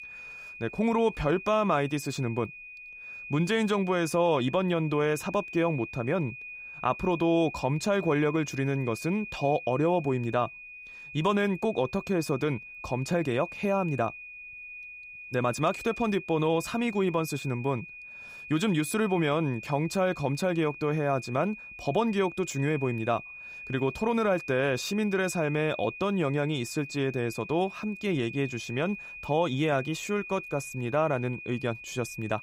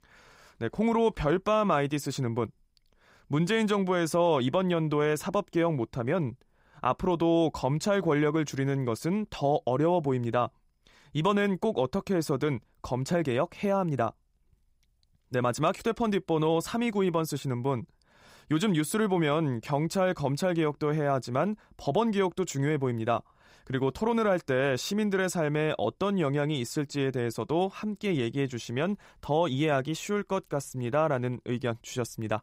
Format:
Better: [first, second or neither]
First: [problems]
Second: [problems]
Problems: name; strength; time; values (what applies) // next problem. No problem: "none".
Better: second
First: high-pitched whine; noticeable; throughout; 2.5 kHz, 10 dB below the speech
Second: none